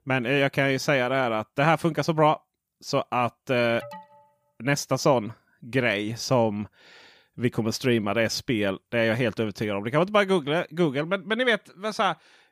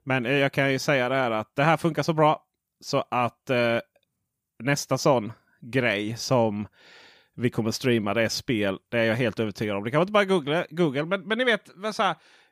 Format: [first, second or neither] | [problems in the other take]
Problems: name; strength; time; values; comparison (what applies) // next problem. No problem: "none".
second | alarm; faint; at 4 s; peak 15 dB below the speech